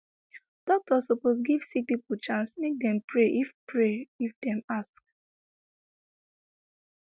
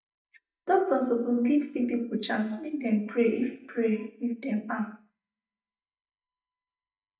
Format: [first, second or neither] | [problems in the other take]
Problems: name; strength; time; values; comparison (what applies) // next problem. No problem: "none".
first | noise reduction (neural mask model DeepFilterNet 3)